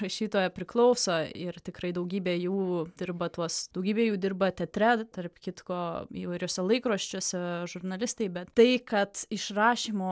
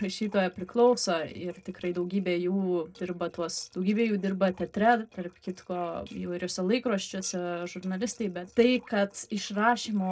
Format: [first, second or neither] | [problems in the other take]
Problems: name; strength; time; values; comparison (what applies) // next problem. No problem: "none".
first | noise reduction (neural separator model SepFormer DNS4)